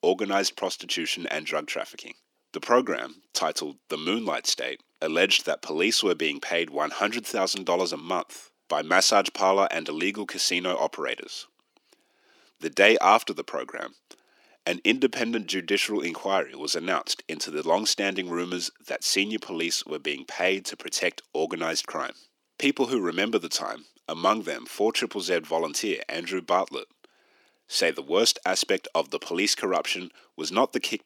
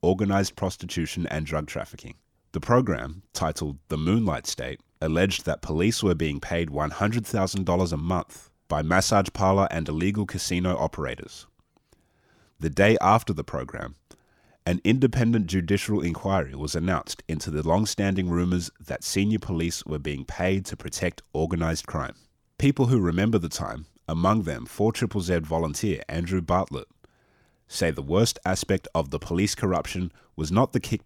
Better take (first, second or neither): second